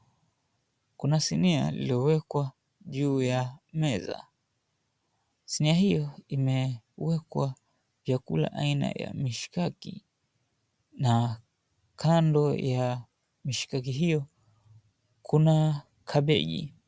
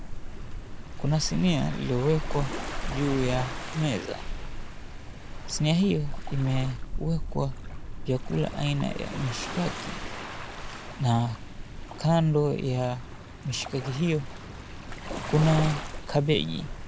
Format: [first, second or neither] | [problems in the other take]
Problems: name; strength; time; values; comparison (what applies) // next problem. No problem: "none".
first | background sound (Waves, surf); 5 dB below the speech